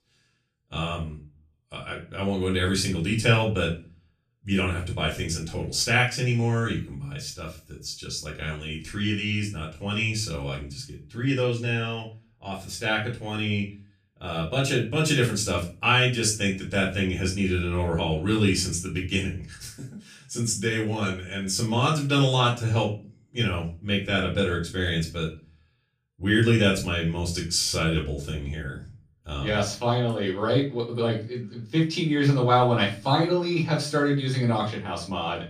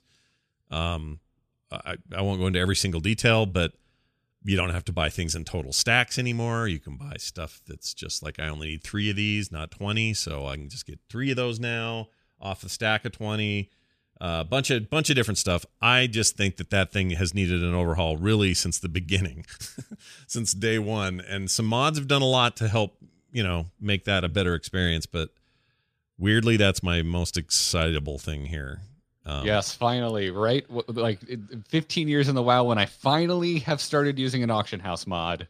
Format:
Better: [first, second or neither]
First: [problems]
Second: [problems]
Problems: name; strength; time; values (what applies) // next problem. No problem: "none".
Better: second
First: off-mic speech; far // room echo; slight; dies away in 0.3 s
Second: none